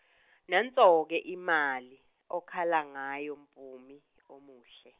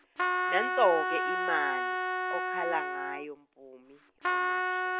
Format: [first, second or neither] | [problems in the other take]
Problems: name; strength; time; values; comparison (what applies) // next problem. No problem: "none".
first | background sound (Trumpet); 2 dB above the speech